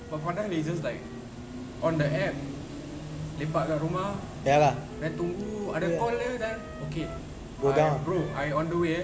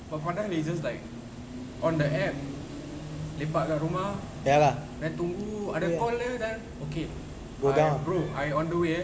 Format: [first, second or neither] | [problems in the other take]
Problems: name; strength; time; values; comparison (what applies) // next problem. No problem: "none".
second | background sound (Wind instrument, woodwind instrument); 18 dB below the speech